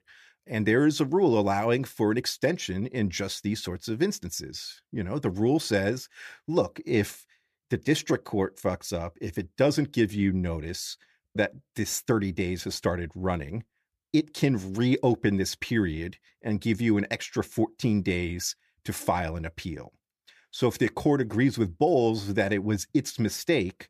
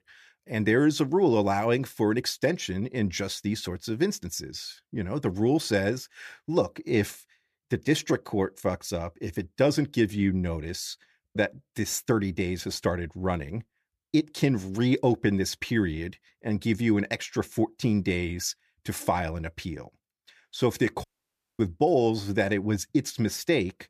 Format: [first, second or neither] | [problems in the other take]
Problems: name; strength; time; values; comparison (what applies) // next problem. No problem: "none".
first | audio cutting out; at 21 s for 0.5 s